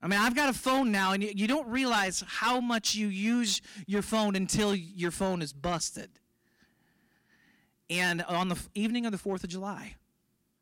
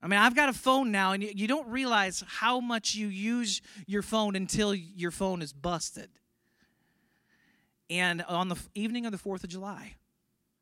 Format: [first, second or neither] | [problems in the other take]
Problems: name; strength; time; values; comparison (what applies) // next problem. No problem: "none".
second | distortion; heavy; 6% of the sound clipped